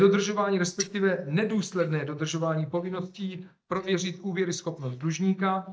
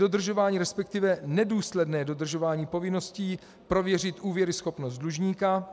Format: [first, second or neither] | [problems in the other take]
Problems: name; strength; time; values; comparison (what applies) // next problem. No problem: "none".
second | noise reduction (neural mask model DeepFilterNet 3)